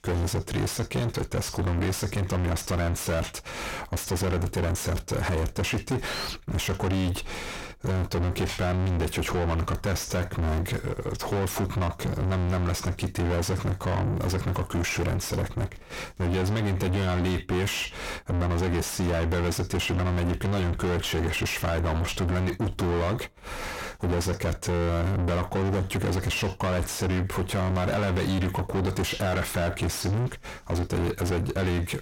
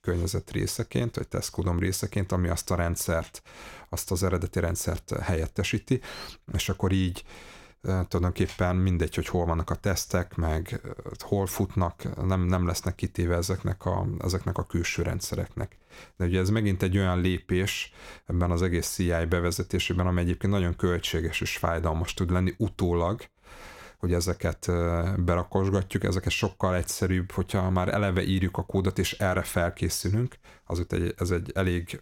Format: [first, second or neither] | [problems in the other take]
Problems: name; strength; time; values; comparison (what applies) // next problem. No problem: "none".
second | distortion; heavy; 5 dB below the speech